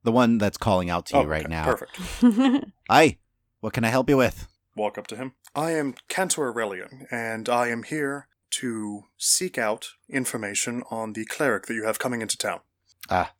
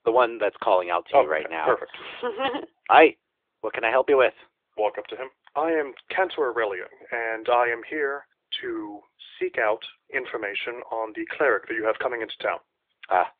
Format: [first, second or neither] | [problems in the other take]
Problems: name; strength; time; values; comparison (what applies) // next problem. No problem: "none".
first | phone-call audio; nothing above 3.5 kHz